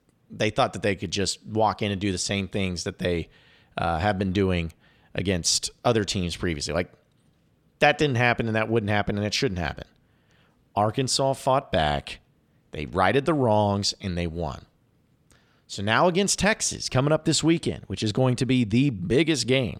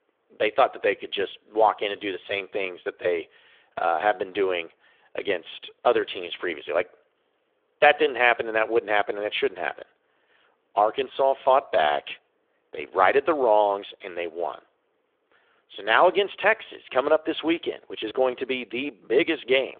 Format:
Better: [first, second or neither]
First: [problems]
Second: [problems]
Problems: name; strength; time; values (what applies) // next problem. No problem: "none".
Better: first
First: none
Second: phone-call audio; nothing above 3.5 kHz